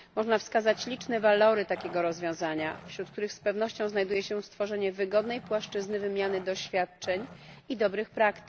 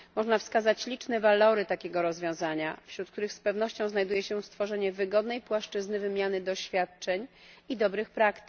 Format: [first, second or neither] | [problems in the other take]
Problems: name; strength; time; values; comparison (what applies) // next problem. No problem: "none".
second | background sound (Growling); 20 dB below the speech